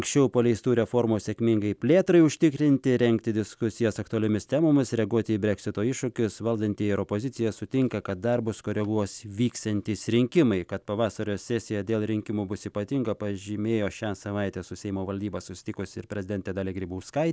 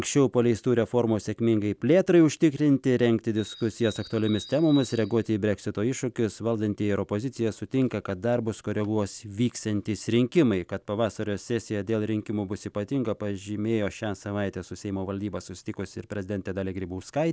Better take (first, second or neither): first